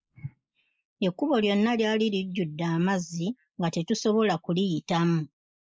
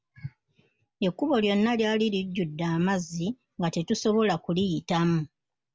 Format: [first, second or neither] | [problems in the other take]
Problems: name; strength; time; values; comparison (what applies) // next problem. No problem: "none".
second | noise reduction (neural mask model Resemble Enhance denoiser)